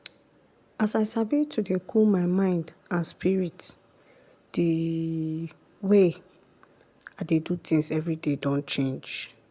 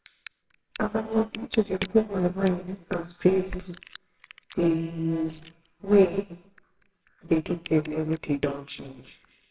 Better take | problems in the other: first | noise reduction (neural separator model SepFormer WHAMR!)

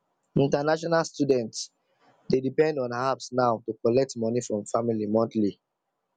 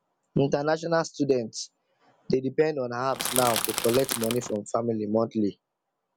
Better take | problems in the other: first | background sound (Crushing); 4 dB below the speech

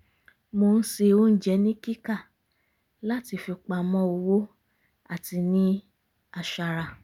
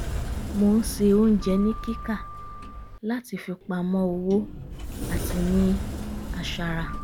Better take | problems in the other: first | background sound (Sliding door); 6 dB below the speech

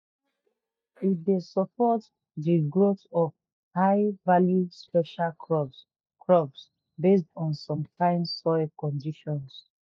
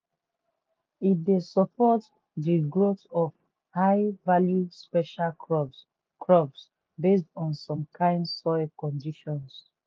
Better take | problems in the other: second | noise reduction (neural mask model DeepFilterNet 3)

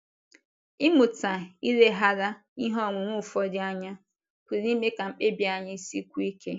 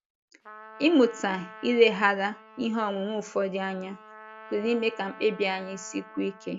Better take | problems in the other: first | background sound (Trumpet); 20 dB below the speech

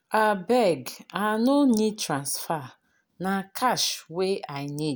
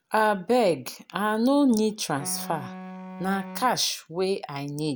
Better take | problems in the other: first | background sound (Wind instrument, woodwind instrument); 16 dB below the speech

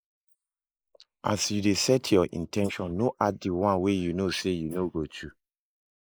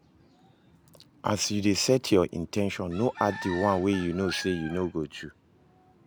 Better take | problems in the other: second | noise reduction (neural mask model Resemble Enhance denoiser)

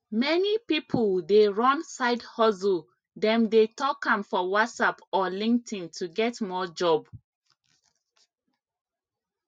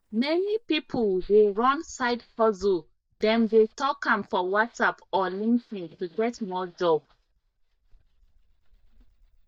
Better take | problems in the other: first | noise reduction (neural mask model DeepFilterNet 3)

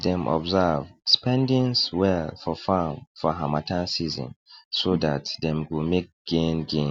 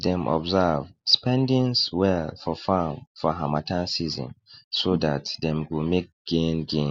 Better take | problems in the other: first | noise reduction (neural mask model Resemble Enhance denoiser)

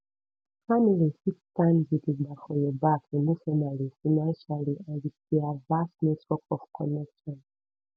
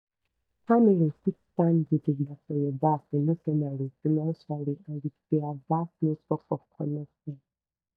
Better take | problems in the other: first | noise reduction (neural mask model DeepFilterNet 3)

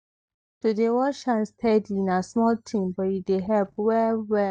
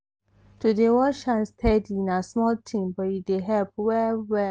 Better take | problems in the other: second | noise reduction (neural mask model DeepFilterNet 3)

